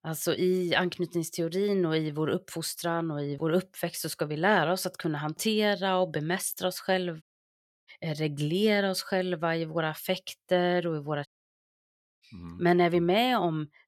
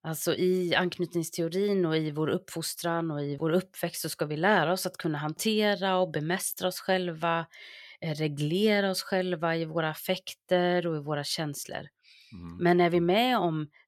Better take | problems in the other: second | audio cutting out; at 7 s for 0.5 s and at 11 s for 1 s

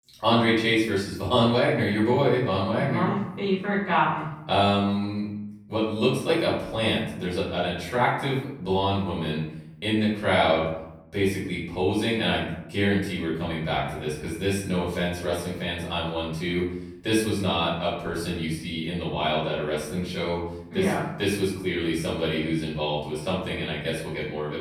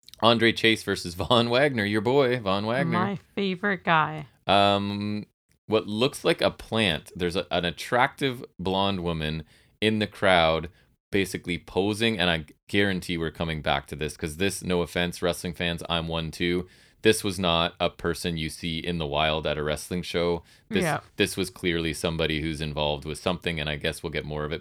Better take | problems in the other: second | off-mic speech; far // room echo; noticeable; dies away in 0.7 s

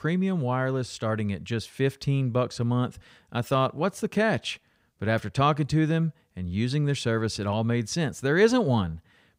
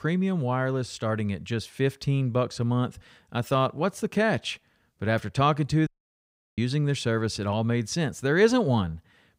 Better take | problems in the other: first | audio cutting out; at 6 s for 0.5 s

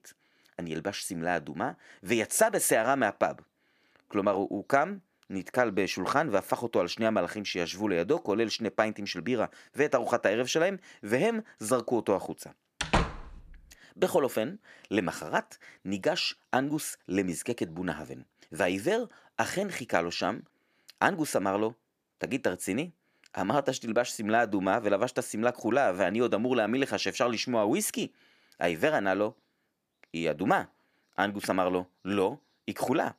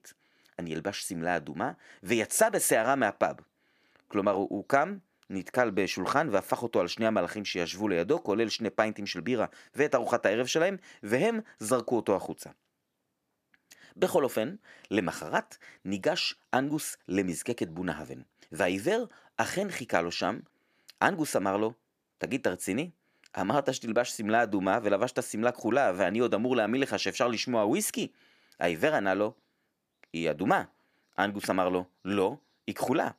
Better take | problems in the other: second | door banging; loud; at 13 s; peak 1 dB above the speech

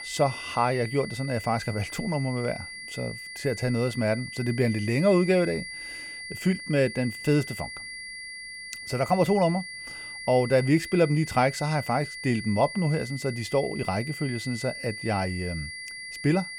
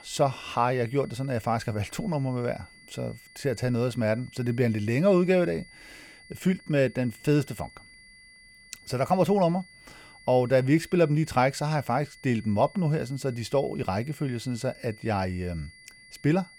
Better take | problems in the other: second | high-pitched whine; loud; throughout; 2 kHz, 10 dB below the speech; faint in the second

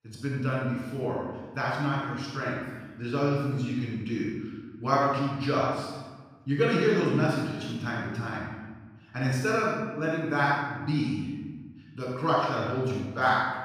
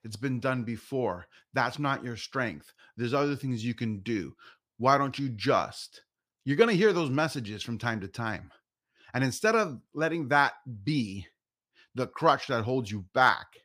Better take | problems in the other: second | off-mic speech; far // room echo; strong; dies away in 1.3 s

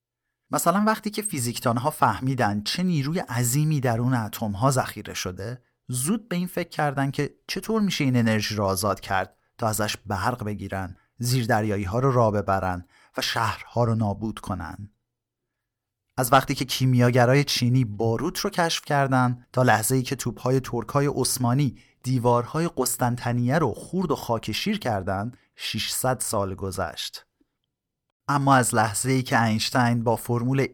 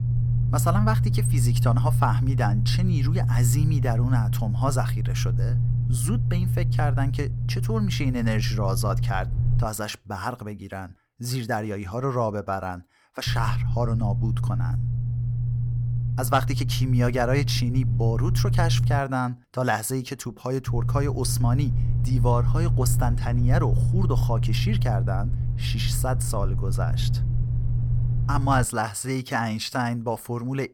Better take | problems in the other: first | low rumble; loud; until 9.5 s, from 13 to 19 s and from 21 to 29 s; 8 dB below the speech

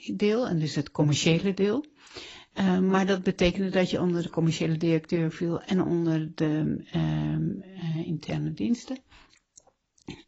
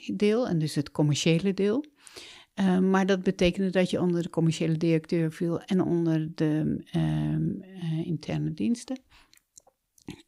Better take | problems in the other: second | garbled, watery; badly; nothing above 7.5 kHz

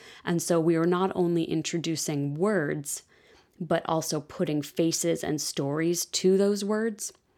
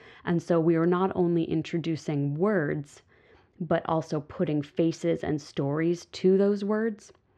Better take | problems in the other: first | muffled; very; fading above 2.5 kHz

